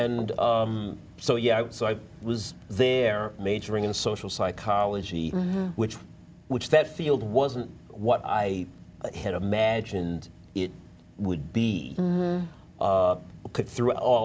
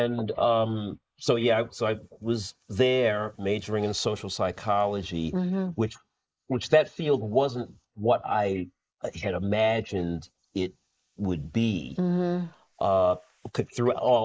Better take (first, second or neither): first